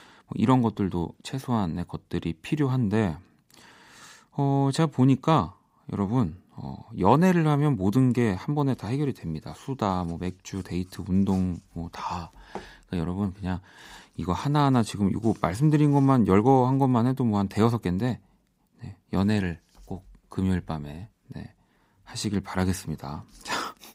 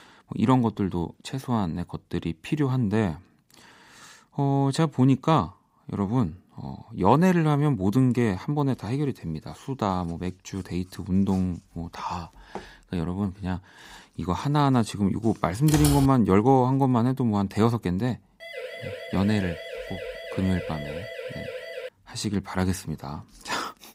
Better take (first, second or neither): first